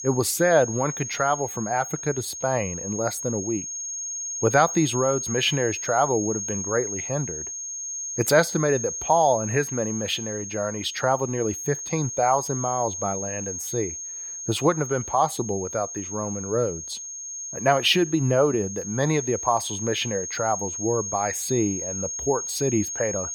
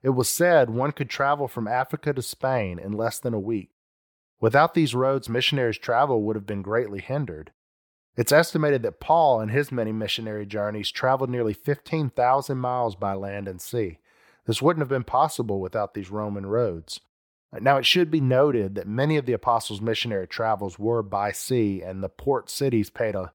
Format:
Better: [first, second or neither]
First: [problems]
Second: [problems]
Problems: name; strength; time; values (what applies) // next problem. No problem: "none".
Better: second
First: high-pitched whine; loud; throughout; 6.5 kHz, 5 dB below the speech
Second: none